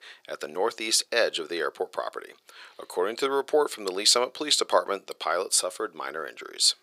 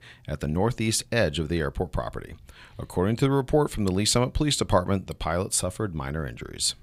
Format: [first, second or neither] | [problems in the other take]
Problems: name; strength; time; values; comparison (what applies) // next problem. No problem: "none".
second | thin; very; fading below 400 Hz